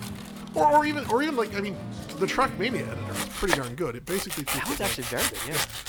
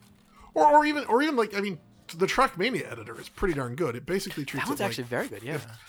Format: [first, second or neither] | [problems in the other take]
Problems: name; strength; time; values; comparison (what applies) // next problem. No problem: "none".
second | household noises; loud; throughout; 4 dB below the speech; faint in the second